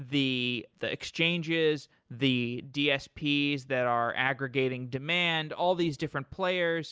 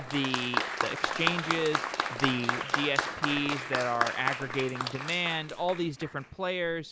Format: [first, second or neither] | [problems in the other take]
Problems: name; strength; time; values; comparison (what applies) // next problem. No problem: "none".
first | background sound (Applause); 2 dB below the speech